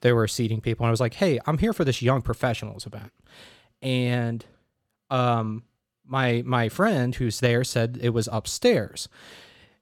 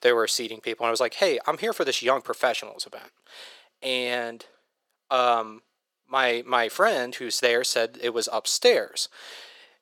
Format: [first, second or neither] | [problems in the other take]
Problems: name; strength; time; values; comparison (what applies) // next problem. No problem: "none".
first | thin; very; fading below 450 Hz